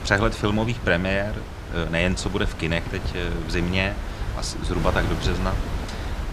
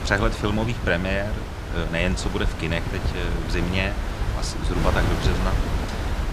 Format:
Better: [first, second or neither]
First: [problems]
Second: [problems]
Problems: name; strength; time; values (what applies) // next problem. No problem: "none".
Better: first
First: wind noise on the microphone; occasional gusts; 10 dB below the speech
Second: wind noise on the microphone; heavy; 5 dB below the speech